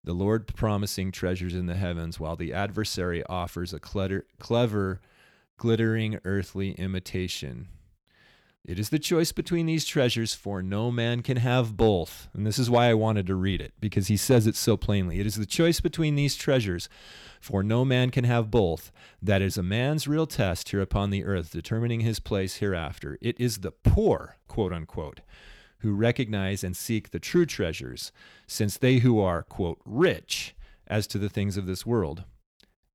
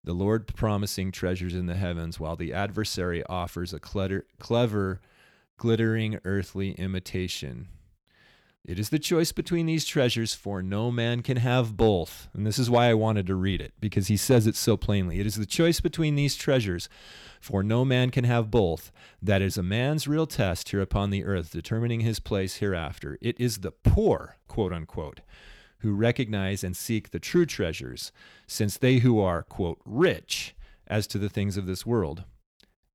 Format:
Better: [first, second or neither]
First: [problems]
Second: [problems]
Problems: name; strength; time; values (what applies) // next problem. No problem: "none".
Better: neither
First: none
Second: none